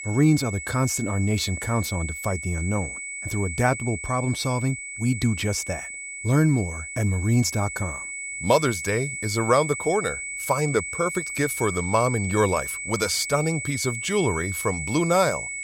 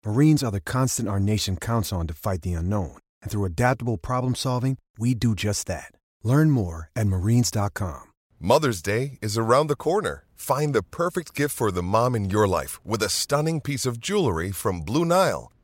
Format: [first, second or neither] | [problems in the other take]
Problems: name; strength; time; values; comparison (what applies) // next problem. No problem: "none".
second | high-pitched whine; loud; throughout; 2 kHz, 6 dB below the speech